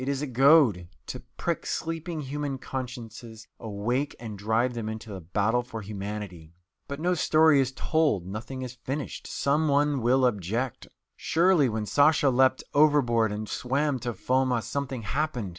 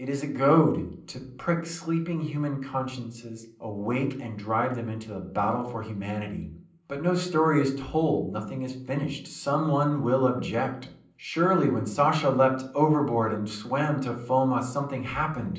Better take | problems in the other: first | room echo; dies away in 0.6 s

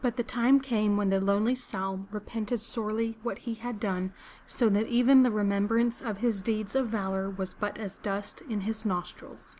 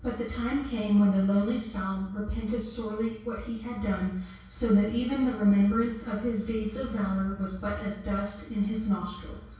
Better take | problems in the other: first | room echo; dies away in 0.6 s

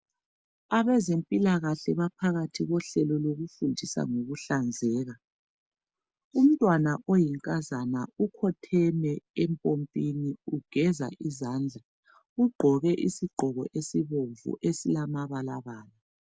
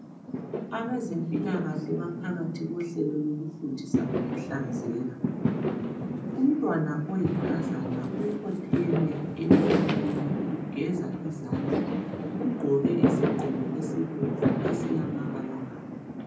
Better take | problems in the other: first | background sound (Fireworks); 2 dB above the speech // room echo; dies away in 0.6 s

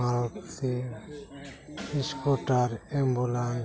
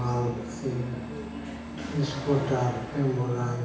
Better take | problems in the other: first | background sound (Engine starting / Accelerating, revving, vroom / Motor vehicle (road)); 10 dB below the speech // room echo; dies away in 0.9 s

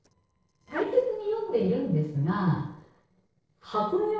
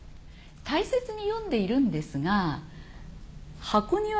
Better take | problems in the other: second | noise reduction (neural separator model SepFormer DNS4)

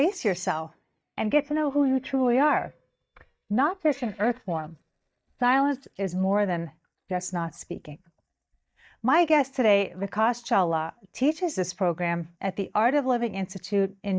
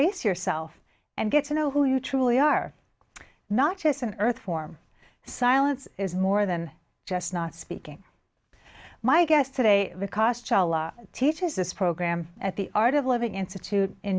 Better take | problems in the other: second | noise reduction (neural mask model DeepFilterNet 3)

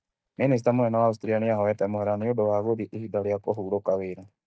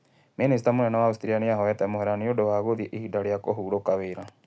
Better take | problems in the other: second | noise reduction (neural mask model DeepFilterNet 3)

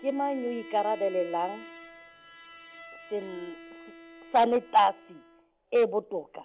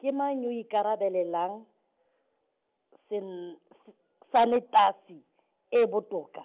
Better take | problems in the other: second | background sound (Bowed string instrument); 18 dB below the speech

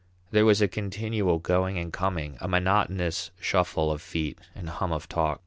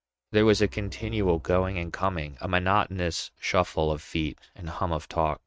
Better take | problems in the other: first | noise reduction (neural mask model RNNoise)

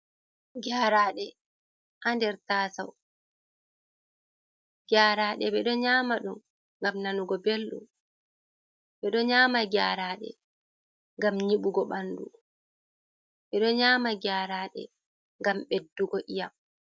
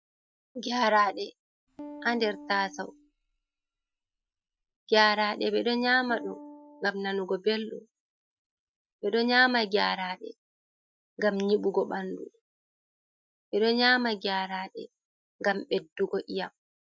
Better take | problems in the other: first | noise reduction (classical method Wiener filter)

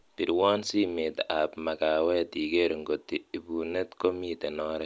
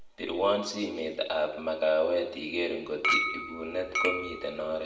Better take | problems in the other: first | background sound (Chink, clink); 1 dB below the speech // room echo; dies away in 0.9 s

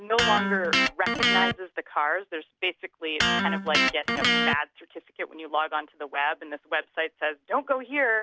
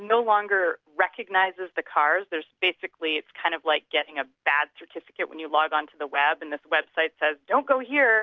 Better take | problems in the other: second | background sound (Electric guitar); 2 dB above the speech

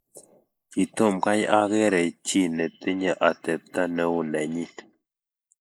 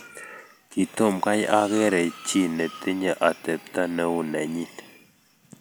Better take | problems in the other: second | noise reduction (neural mask model Resemble Enhance denoiser)

